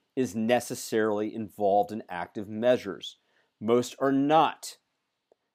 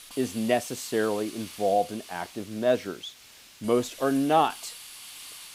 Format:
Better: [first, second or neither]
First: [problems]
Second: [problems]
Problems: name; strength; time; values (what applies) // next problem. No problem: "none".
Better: first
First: none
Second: hiss; noticeable; throughout; 15 dB below the speech